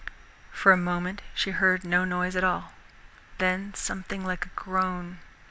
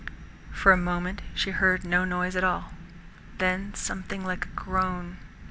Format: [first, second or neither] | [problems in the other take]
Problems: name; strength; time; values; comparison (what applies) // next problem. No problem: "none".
first | background sound (Thunderstorm); 11 dB below the speech